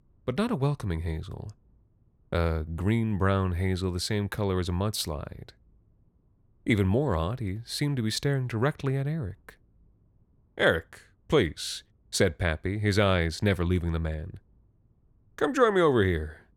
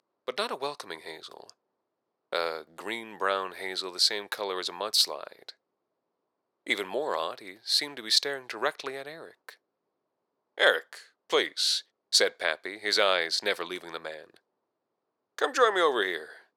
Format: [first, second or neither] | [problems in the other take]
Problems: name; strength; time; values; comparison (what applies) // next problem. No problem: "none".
first | thin; very; fading below 500 Hz